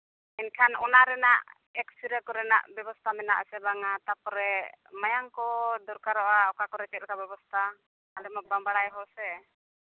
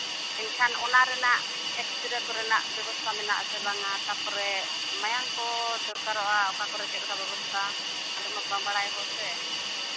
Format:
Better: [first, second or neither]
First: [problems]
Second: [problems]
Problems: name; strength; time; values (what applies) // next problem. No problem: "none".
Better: first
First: none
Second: background sound (Hiss); 1 dB below the speech